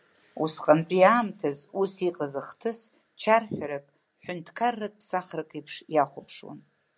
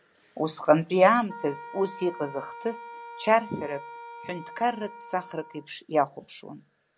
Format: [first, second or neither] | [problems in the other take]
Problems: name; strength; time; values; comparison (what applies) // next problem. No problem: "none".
first | background sound (Wind instrument, woodwind instrument); 16 dB below the speech